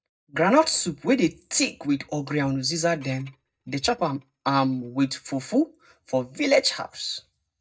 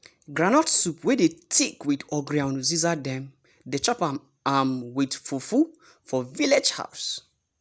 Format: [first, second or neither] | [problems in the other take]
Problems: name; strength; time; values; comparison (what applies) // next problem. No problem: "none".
second | noise reduction (neural mask model DeepFilterNet 3)